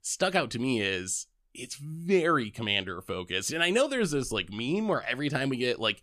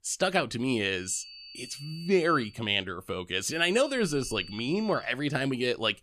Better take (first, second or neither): first